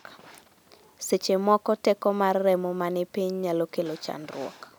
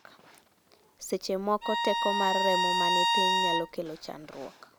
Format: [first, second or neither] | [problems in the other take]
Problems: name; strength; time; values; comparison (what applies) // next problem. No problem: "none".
first | background sound (Bowed string instrument); 4 dB above the speech